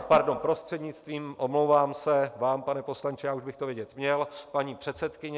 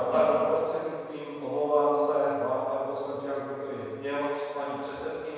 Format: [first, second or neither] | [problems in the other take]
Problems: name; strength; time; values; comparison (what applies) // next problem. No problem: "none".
first | room echo; dies away in 1.9 s